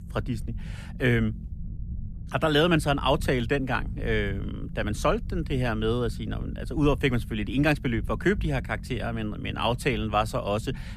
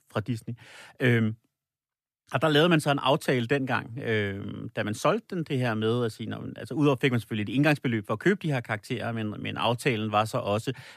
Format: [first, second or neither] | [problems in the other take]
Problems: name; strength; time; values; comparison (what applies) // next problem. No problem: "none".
second | low rumble; faint; throughout; 25 dB below the speech